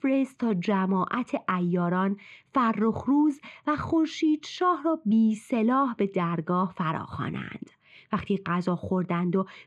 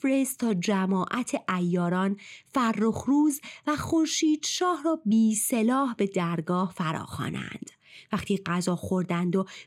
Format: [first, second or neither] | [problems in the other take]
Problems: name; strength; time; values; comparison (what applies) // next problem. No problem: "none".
second | muffled; very; fading above 2.5 kHz